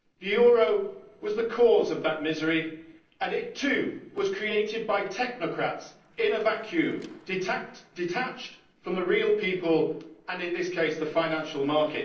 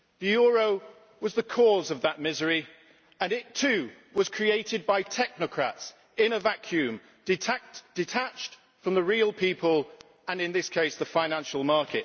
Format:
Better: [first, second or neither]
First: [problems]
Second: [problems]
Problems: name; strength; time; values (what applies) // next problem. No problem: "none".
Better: second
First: noise reduction (neural separator model SepFormer DNS4)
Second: none